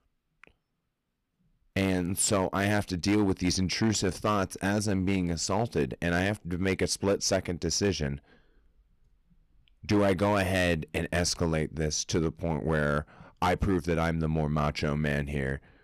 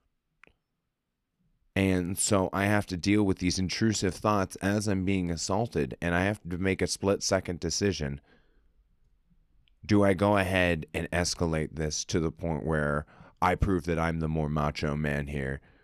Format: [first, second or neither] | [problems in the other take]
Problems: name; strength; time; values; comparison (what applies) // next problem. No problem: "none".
second | distortion; slight; 6% of the sound clipped